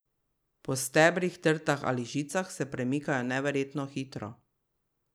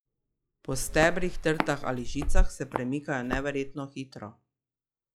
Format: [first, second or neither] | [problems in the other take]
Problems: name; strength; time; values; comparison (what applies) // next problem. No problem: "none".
first | noise reduction (classical method log-MMSE)